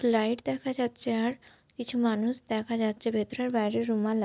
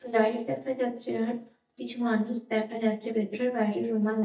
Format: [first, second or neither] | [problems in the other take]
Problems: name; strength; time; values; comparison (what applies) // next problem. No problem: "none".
first | noise reduction (neural mask model DeepFilterNet 3)